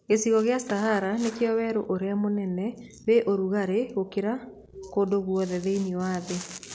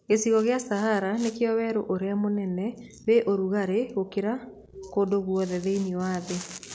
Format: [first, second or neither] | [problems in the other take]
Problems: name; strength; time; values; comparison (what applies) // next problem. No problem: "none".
second | background sound (Skateboard); 17 dB below the speech